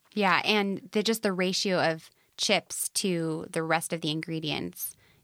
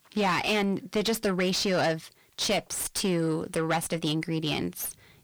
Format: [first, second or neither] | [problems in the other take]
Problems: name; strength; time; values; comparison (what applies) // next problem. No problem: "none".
first | distortion; heavy; 7 dB below the speech